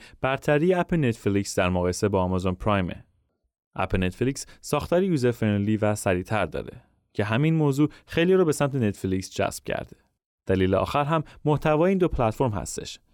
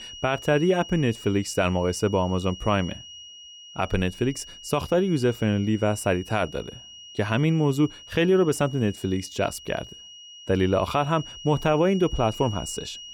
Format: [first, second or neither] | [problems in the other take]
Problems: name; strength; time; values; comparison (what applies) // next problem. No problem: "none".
first | high-pitched whine; noticeable; throughout; 3 kHz, 15 dB below the speech